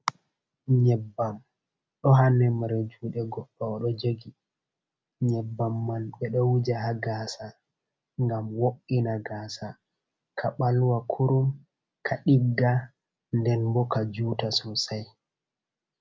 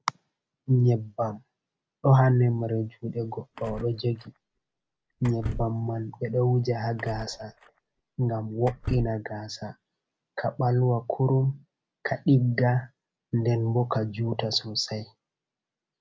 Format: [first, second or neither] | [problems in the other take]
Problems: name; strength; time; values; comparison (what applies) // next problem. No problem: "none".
first | background sound (Door / Car); 12 dB below the speech